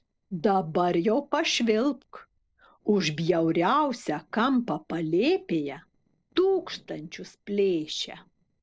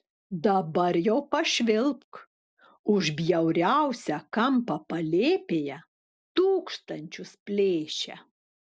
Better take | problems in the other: second | noise reduction (neural separator model SepFormer DNS4)

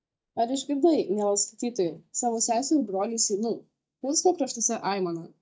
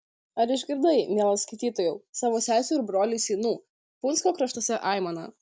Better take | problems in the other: second | noise reduction (neural mask model DeepFilterNet 3)

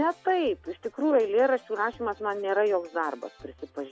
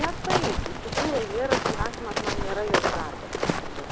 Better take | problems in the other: first | background sound (Walk, footsteps); 4 dB above the speech

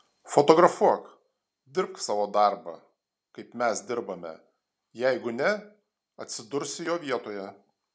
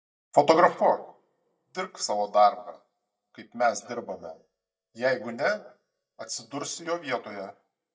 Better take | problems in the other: first | noise reduction (neural mask model DeepFilterNet 3)

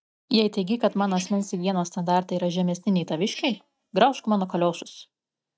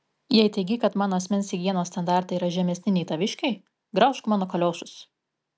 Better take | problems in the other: second | noise reduction (neural mask model DeepFilterNet 3)

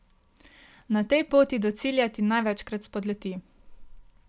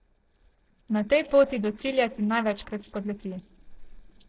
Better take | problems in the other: first | noise reduction (neural separator model SepFormer DNS4)

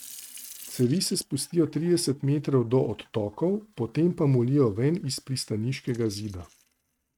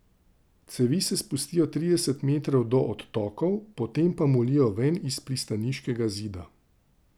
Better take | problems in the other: second | noise reduction (neural mask model RNNoise)

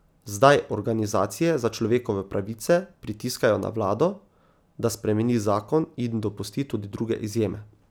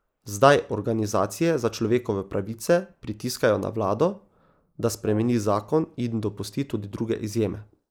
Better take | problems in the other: first | noise reduction (neural mask model Resemble Enhance denoiser)

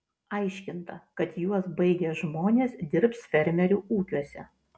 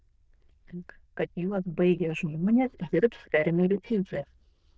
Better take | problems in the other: first | noise reduction (neural diffusion model UNIVERSE++)

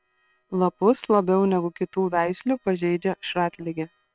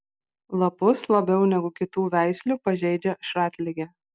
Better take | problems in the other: second | noise reduction (neural separator model SepFormer WHAM!)

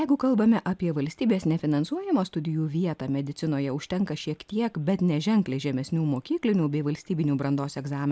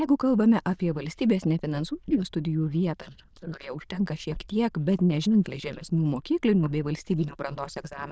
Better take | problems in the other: first | noise reduction (neural diffusion model UNIVERSE++)

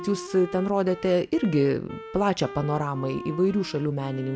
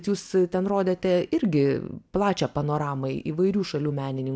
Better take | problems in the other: second | background sound (Wind instrument, woodwind instrument); 15 dB below the speech

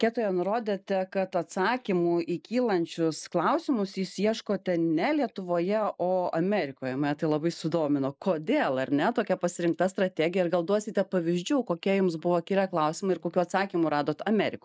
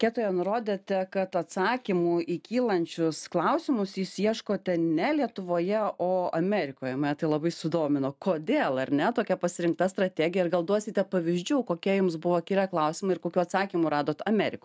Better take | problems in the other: second | noise reduction (neural mask model Resemble Enhance denoiser)

